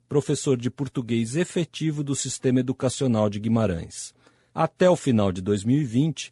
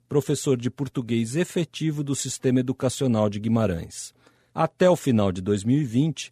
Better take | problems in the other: second | garbled, watery; slightly

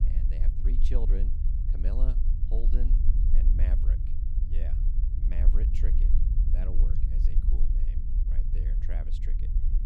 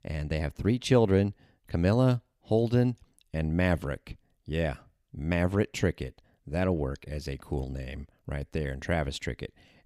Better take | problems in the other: second | low rumble; loud; throughout; 1 dB below the speech

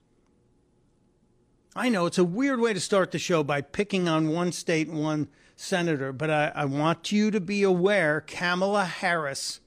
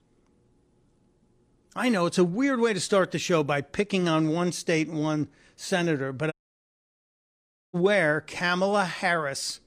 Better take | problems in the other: first | audio cutting out; at 6.5 s for 1.5 s

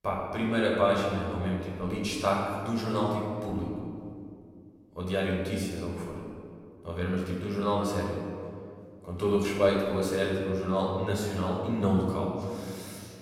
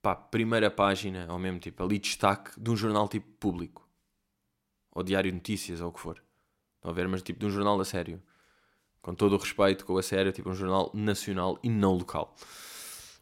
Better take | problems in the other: second | off-mic speech; far // room echo; noticeable; dies away in 2.1 s

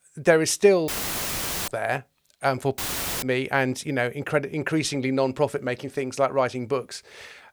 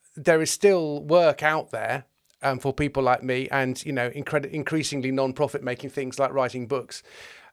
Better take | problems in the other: second | audio cutting out; filled with static; at 1 s for 1 s and at 3 s

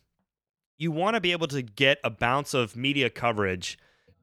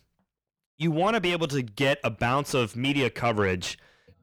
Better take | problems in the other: first | distortion; heavy; 8 dB below the speech

